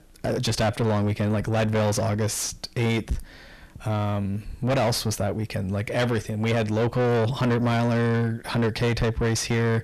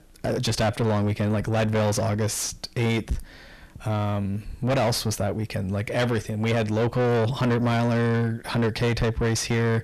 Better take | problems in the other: neither | distortion; heavy; 6 dB below the speech; the same in both

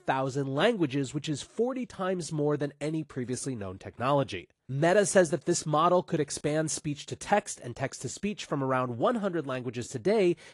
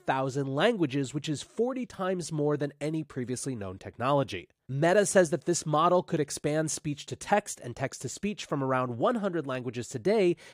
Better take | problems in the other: second | garbled, watery; slightly

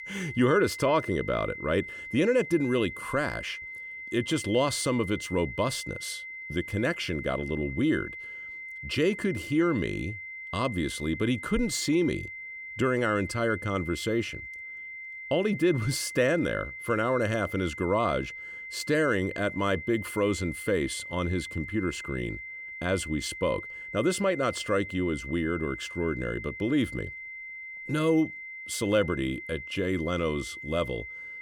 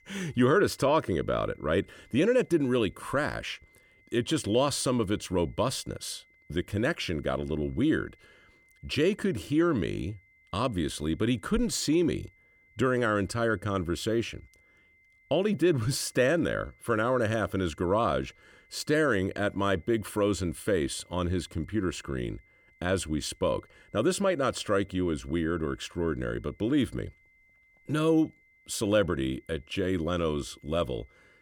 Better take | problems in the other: second | high-pitched whine; loud; throughout; 2 kHz, 10 dB below the speech; faint in the second

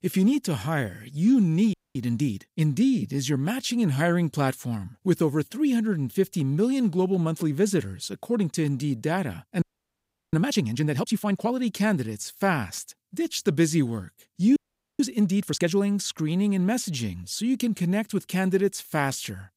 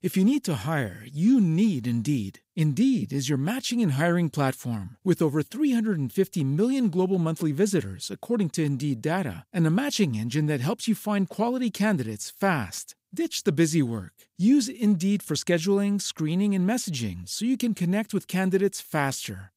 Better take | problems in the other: second | audio freezing; at 1.5 s, at 9.5 s for 0.5 s and at 15 s

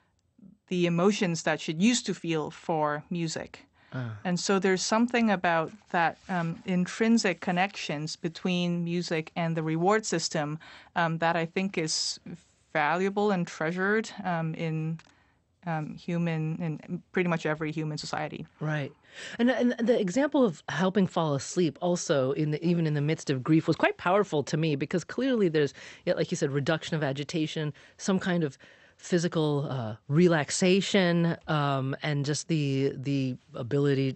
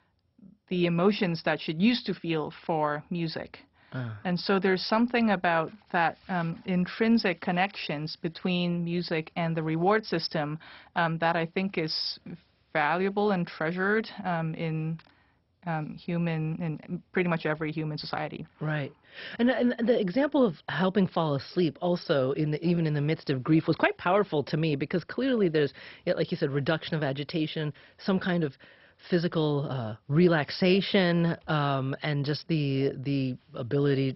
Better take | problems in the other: first | garbled, watery; badly; nothing above 5.5 kHz; slightly in the first

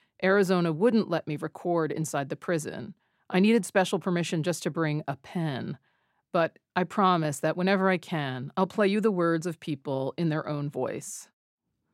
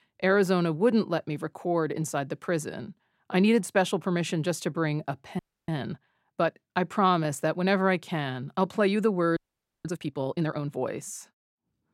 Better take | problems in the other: first | audio freezing; at 5.5 s and at 9.5 s

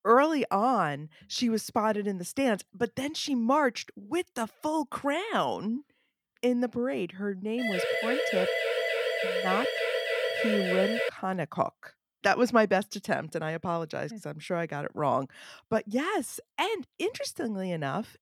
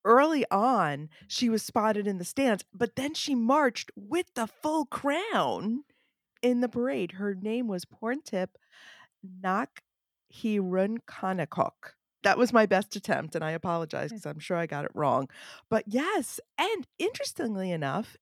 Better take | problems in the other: second | siren; loud; from 7.5 to 11 s; peak 2 dB above the speech

